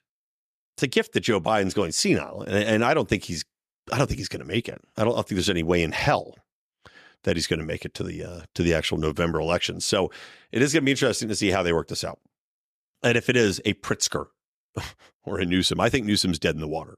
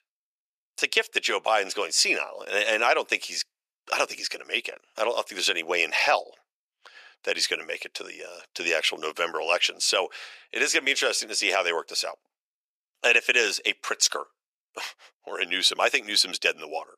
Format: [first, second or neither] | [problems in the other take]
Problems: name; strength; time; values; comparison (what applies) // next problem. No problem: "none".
first | thin; very; fading below 550 Hz